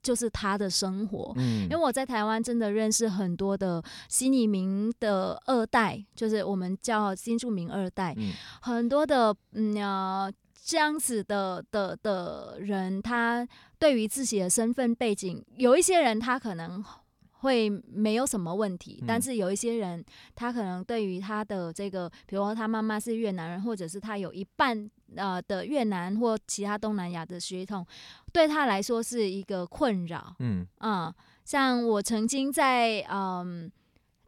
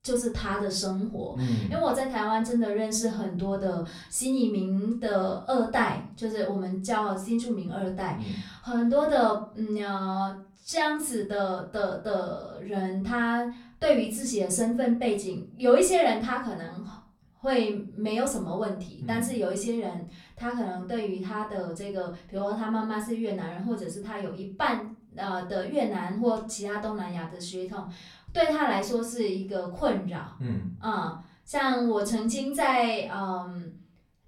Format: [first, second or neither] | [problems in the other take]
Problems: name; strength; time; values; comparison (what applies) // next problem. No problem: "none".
first | off-mic speech; far // room echo; slight; dies away in 0.3 s